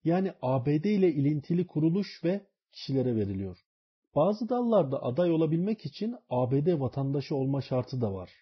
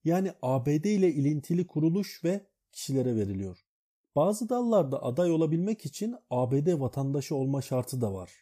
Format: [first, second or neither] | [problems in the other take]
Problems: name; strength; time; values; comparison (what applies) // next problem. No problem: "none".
second | garbled, watery; badly; nothing above 5.5 kHz